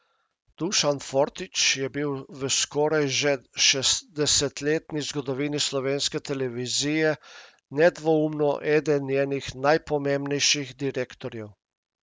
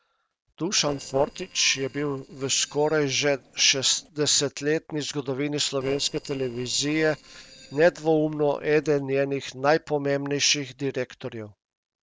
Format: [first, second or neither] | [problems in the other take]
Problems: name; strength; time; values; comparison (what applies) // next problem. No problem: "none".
first | noise reduction (neural separator model SepFormer DNS4)